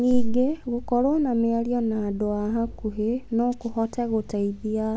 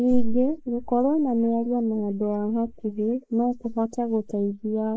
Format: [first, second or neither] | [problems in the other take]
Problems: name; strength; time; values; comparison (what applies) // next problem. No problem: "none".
first | noise reduction (neural mask model Resemble Enhance denoiser)